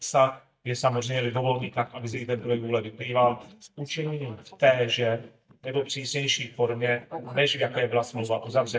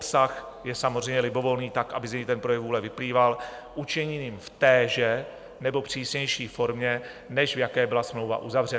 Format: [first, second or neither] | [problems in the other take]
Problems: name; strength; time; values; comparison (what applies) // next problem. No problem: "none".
second | noise reduction (neural mask model DeepFilterNet 3)